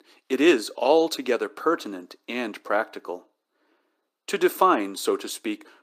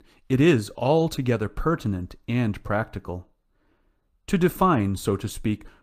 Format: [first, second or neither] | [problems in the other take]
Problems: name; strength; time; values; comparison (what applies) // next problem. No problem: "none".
second | thin; somewhat; fading below 300 Hz